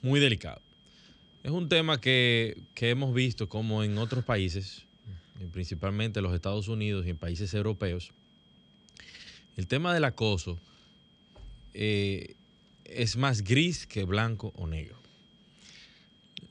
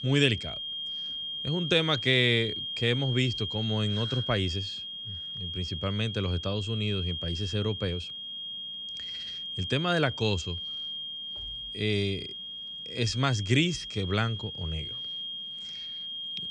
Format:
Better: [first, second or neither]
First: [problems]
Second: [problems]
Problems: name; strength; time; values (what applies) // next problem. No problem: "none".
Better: first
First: high-pitched whine; faint; throughout; 3 kHz, 35 dB below the speech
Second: high-pitched whine; loud; throughout; 3 kHz, 5 dB below the speech